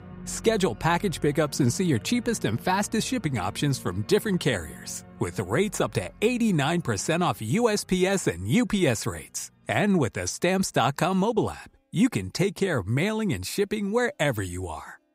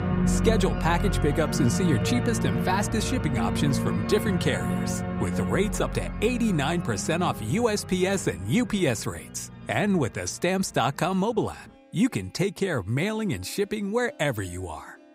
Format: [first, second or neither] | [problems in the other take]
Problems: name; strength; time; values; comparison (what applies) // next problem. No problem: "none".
first | background music; loud; throughout; 2 dB below the speech; faint in the first